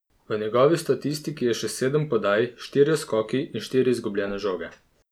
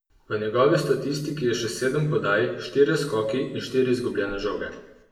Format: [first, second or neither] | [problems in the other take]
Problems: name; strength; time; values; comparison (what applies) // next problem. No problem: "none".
first | room echo; dies away in 0.8 s